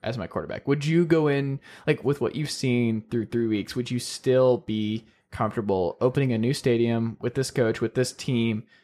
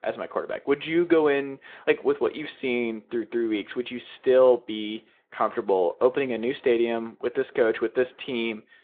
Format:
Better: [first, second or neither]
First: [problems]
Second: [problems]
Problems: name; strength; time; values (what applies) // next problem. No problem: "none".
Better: first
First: none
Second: phone-call audio